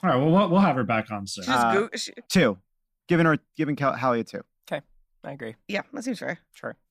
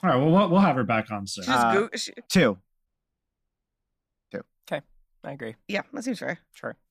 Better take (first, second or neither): first